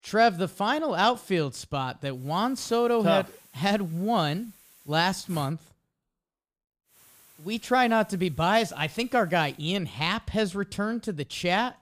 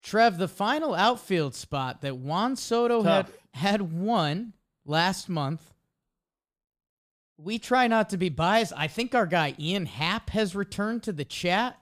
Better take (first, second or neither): second